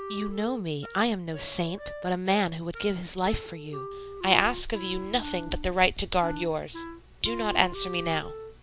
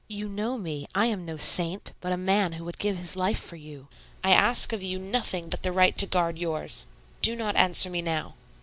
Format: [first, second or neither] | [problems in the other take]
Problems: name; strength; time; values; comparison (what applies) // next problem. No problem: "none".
second | background sound (Wind instrument, woodwind instrument); 11 dB below the speech